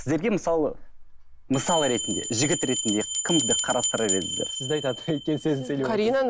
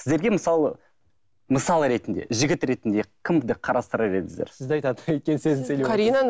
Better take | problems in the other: second | background sound (Bell); 5 dB below the speech

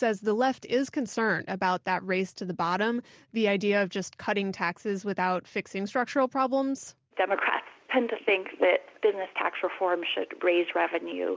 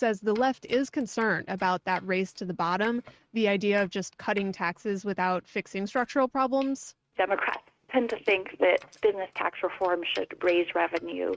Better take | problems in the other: first | noise reduction (neural mask model RNNoise)

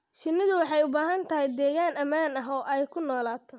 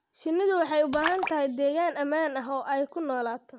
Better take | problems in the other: first | background sound (Splash, splatter); 11 dB below the speech

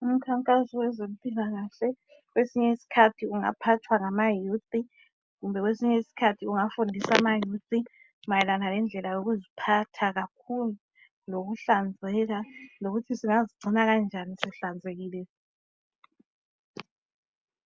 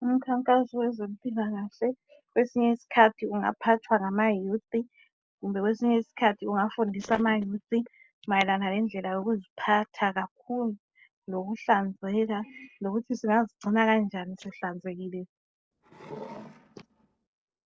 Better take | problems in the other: first | noise reduction (neural separator model SepFormer DNS4)

